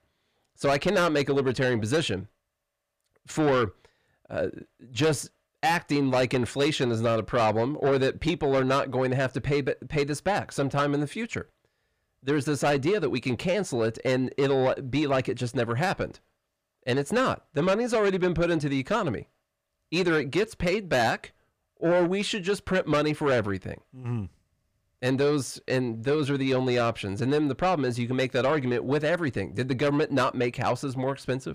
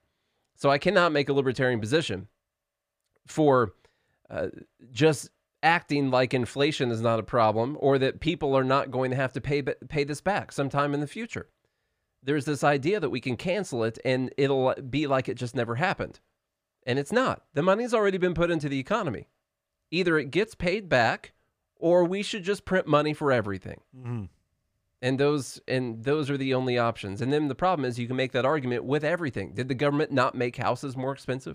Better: second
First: distortion; slight; 10 dB below the speech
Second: none

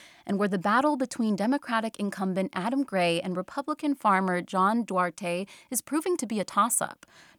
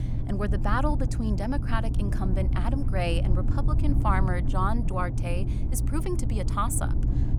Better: first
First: none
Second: low rumble; loud; throughout; 9 dB below the speech

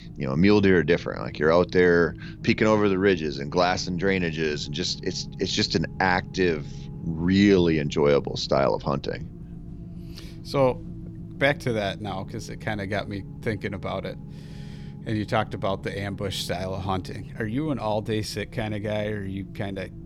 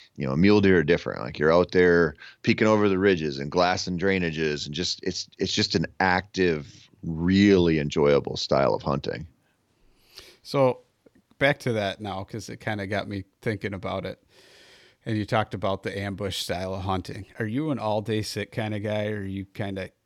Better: second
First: low rumble; faint; throughout; 25 dB below the speech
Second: none

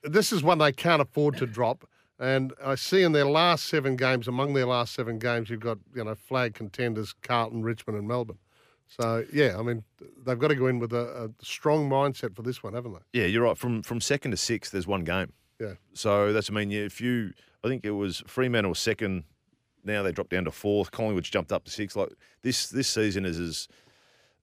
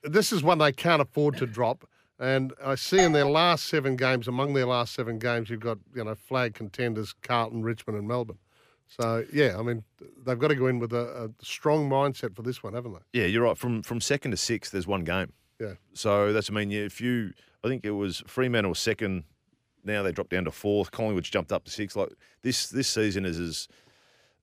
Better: first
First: none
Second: doorbell; noticeable; at 3 s; peak 1 dB below the speech

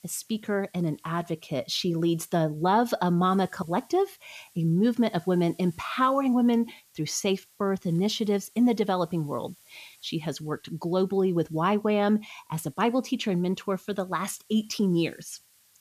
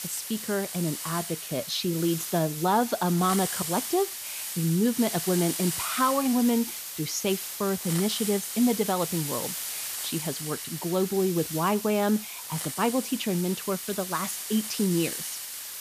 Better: first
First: hiss; faint; throughout; 30 dB below the speech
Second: hiss; loud; throughout; 5 dB below the speech

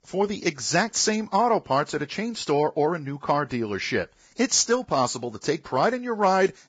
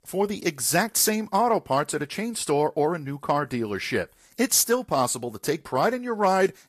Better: second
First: garbled, watery; badly; nothing above 7.5 kHz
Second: garbled, watery; slightly; nothing above 14 kHz

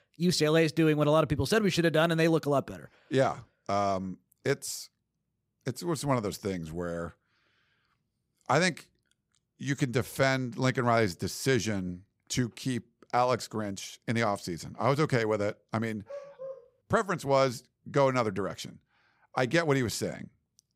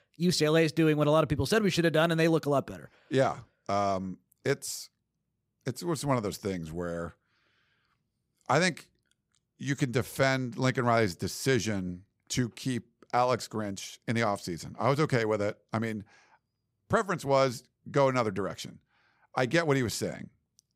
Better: second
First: dog barking; faint; at 16 s; peak 15 dB below the speech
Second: none

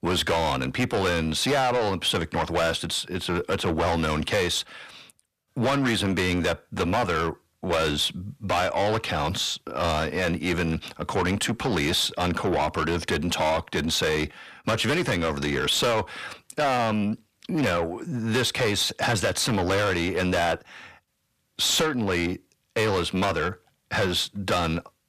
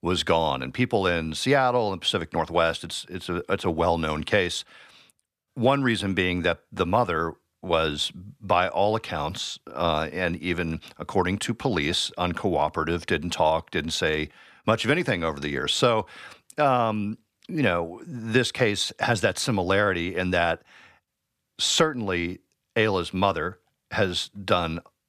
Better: second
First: distortion; heavy; 6 dB below the speech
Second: none

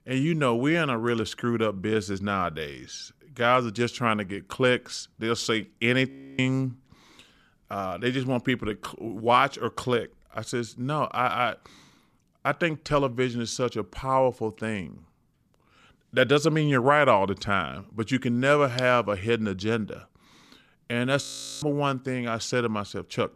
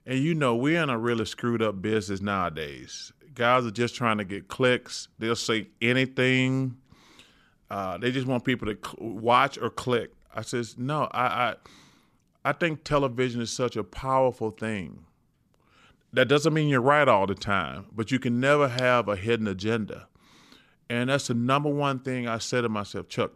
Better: second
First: audio freezing; at 6 s and at 21 s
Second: none

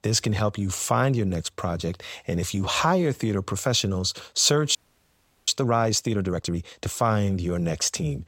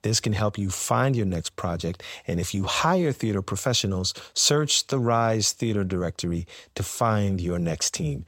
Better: second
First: audio freezing; at 5 s for 0.5 s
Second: none

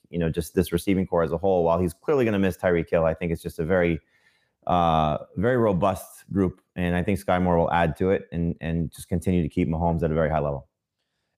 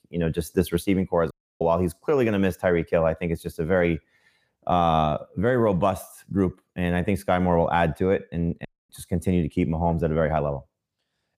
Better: first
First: none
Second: audio cutting out; at 1.5 s and at 8.5 s

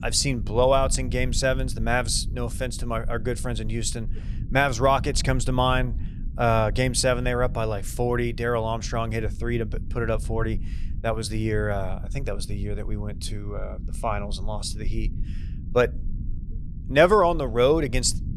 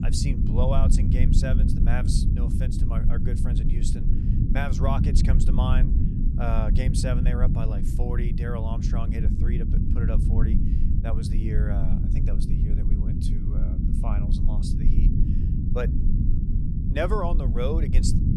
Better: first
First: low rumble; faint; throughout; 25 dB below the speech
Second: low rumble; loud; throughout; 3 dB below the speech

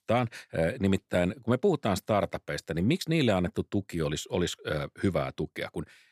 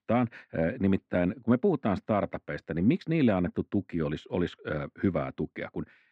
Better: first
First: none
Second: muffled; very; fading above 2 kHz

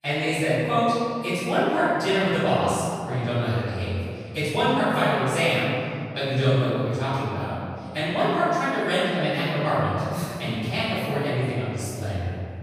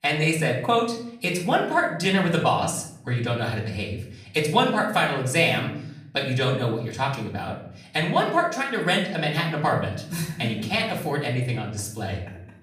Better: second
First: room echo; strong; dies away in 2.3 s // off-mic speech; far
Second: room echo; slight; dies away in 0.6 s // off-mic speech; far

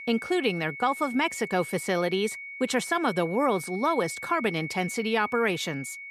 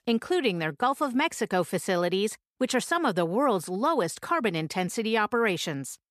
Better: second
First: high-pitched whine; noticeable; throughout; 2 kHz, 10 dB below the speech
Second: none

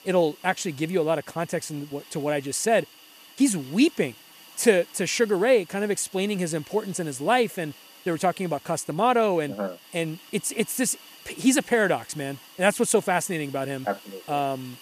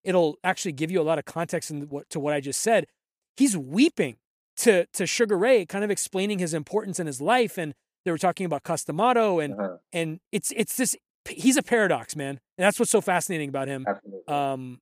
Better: second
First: hiss; faint; throughout; 20 dB below the speech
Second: none

